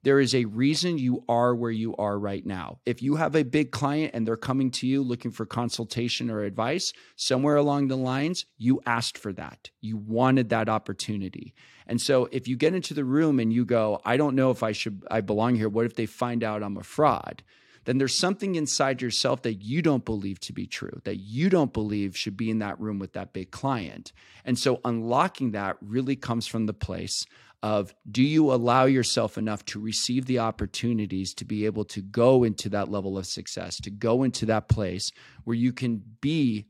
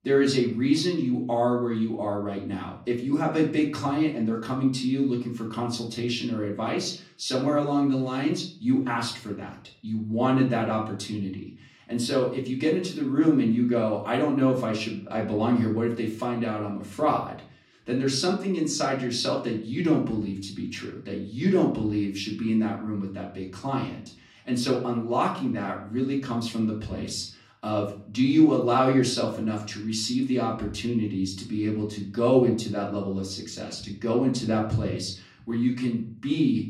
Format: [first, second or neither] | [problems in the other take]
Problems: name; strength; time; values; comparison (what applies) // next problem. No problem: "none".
first | room echo; slight; dies away in 0.4 s // off-mic speech; far